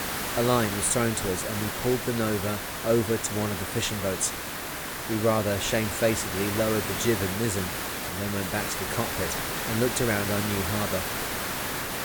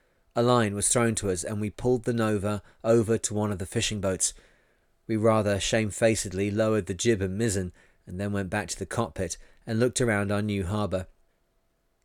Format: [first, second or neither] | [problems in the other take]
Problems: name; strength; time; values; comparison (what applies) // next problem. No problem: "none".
second | hiss; loud; throughout; 2 dB below the speech